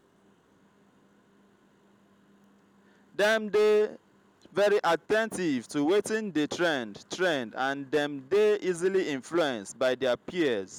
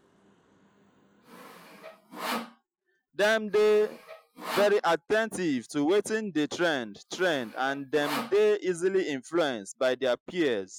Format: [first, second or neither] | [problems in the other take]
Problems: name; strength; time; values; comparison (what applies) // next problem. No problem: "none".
first | noise reduction (classical method Wiener filter)